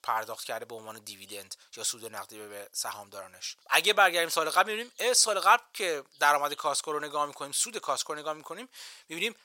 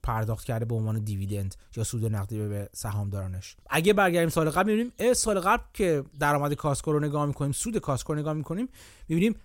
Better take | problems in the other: second | thin; very; fading below 850 Hz

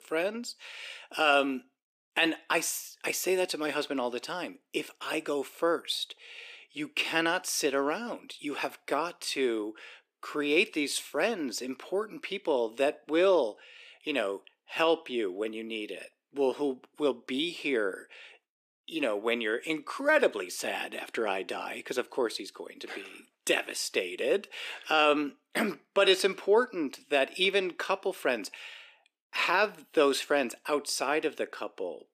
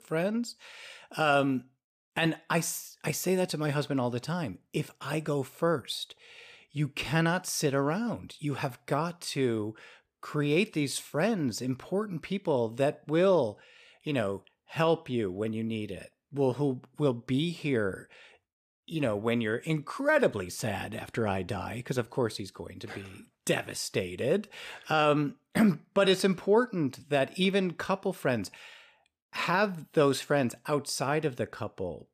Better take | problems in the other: second | thin; somewhat; fading below 300 Hz

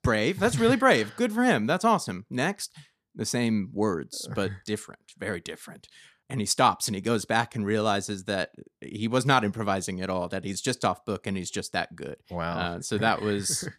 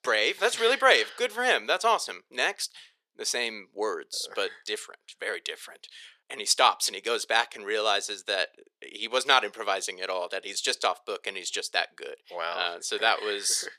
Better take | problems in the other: first | thin; very; fading below 450 Hz

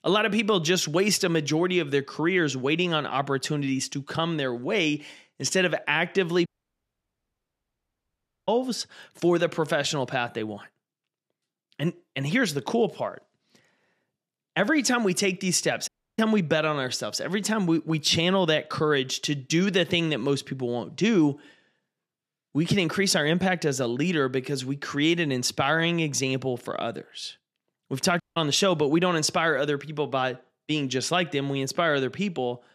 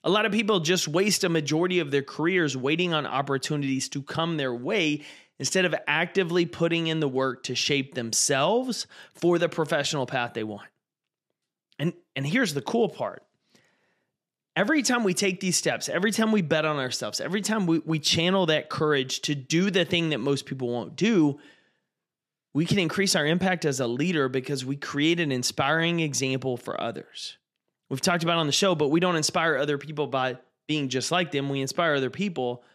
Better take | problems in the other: second | audio cutting out; at 6.5 s for 2 s, at 16 s and at 28 s

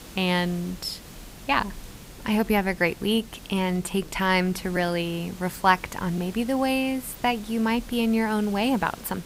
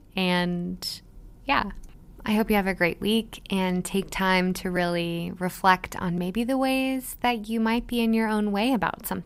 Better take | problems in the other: second | hiss; noticeable; throughout; 20 dB below the speech

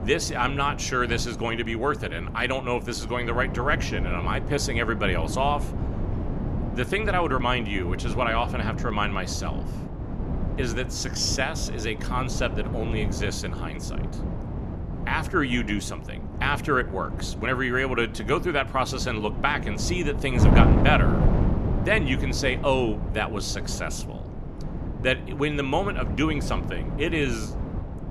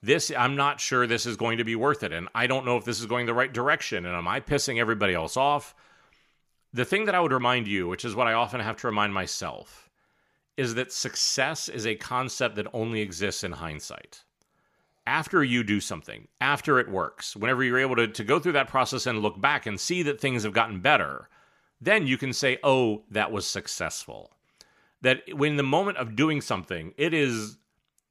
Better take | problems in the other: second | wind noise on the microphone; occasional gusts; 10 dB below the speech

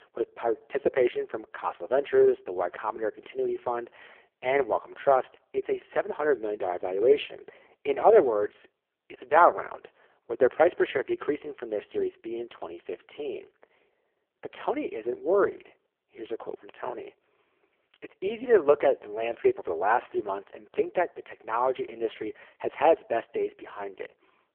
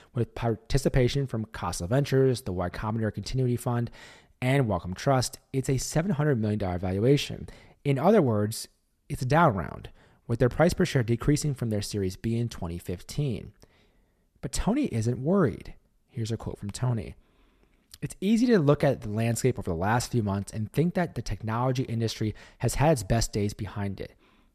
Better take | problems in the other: second | phone-call audio; poor line

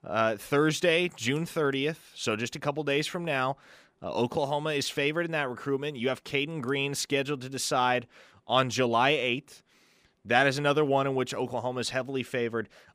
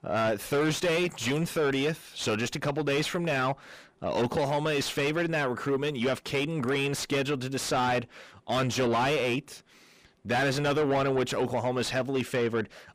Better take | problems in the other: first | distortion; heavy; 6 dB below the speech

